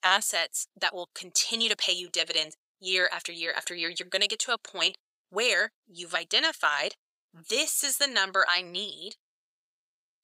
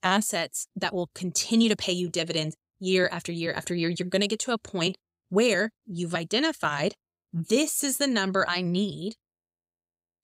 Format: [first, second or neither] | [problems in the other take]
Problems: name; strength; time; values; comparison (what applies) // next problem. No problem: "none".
second | thin; very; fading below 700 Hz